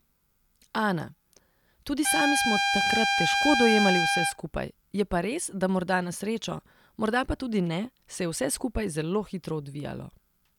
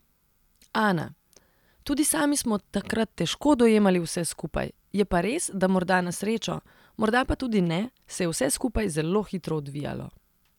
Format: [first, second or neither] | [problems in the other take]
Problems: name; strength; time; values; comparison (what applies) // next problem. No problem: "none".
second | background sound (Trumpet); 3 dB above the speech